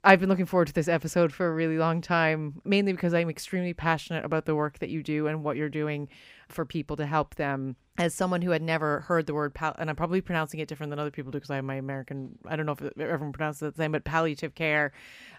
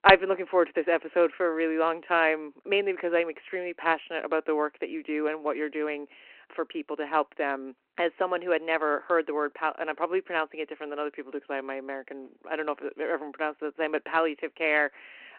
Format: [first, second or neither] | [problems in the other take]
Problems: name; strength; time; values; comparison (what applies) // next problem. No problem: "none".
first | phone-call audio; nothing above 4 kHz